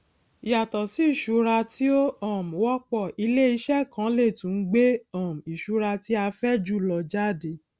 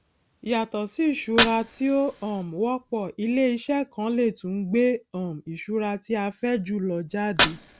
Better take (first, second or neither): first